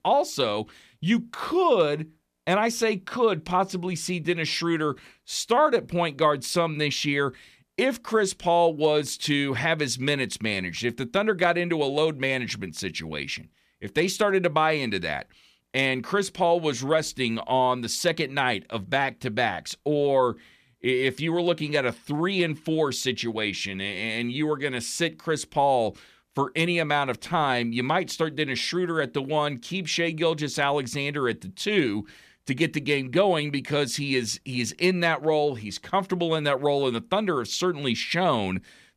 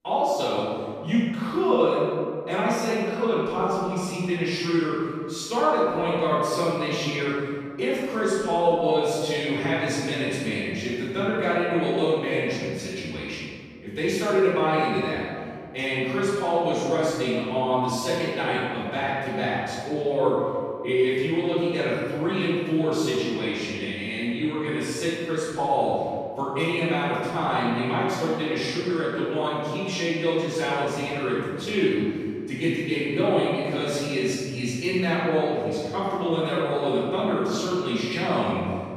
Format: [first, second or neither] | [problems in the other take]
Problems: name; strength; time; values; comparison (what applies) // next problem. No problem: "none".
first | off-mic speech; far // room echo; strong; dies away in 2 s